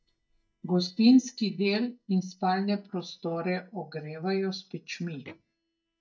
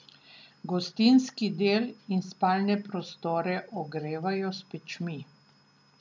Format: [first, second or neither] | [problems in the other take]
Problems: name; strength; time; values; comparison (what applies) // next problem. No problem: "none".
second | noise reduction (neural mask model DeepFilterNet 3)